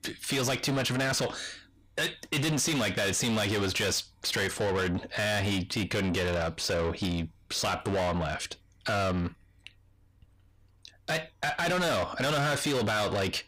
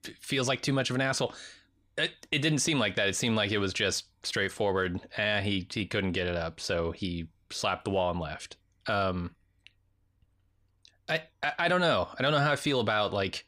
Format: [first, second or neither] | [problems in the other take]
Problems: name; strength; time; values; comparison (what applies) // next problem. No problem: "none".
second | distortion; heavy; 6 dB below the speech